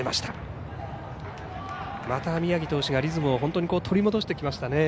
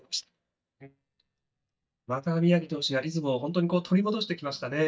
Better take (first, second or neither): first